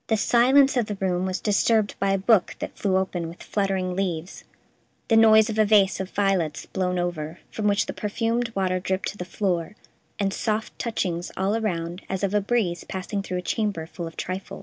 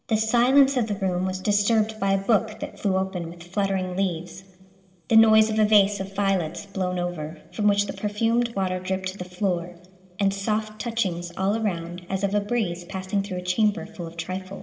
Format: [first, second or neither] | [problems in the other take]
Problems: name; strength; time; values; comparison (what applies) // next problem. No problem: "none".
first | room echo; dies away in 2.9 s